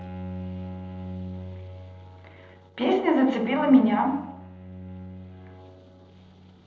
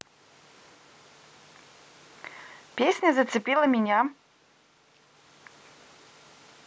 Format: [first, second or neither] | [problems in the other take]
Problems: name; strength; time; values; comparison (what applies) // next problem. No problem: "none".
second | noise reduction (neural separator model SepFormer DNS4)